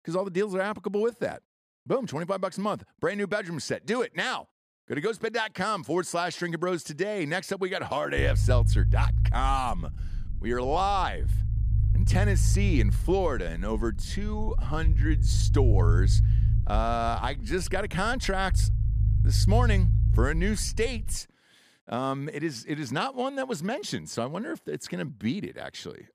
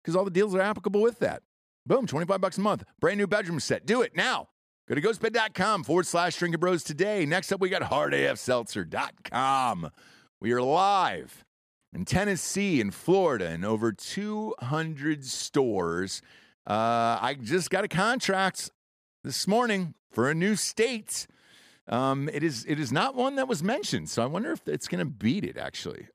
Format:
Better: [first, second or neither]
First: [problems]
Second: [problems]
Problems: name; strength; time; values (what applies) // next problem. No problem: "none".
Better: second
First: low rumble; noticeable; from 8 to 21 s; 10 dB below the speech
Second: none